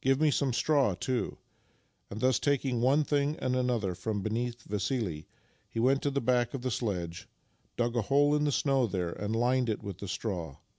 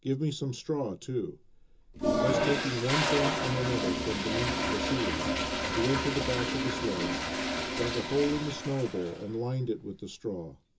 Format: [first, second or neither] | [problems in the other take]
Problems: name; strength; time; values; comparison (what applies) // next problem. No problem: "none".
first | background sound (Toilet flush); as loud as the speech // room echo; dies away in 0.2 s